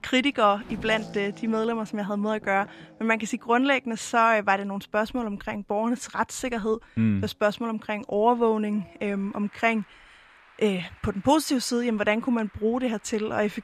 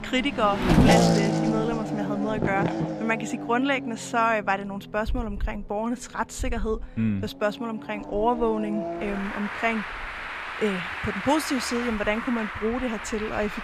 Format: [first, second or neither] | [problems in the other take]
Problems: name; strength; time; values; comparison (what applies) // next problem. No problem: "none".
first | traffic noise; loud; throughout; 1 dB below the speech; faint in the first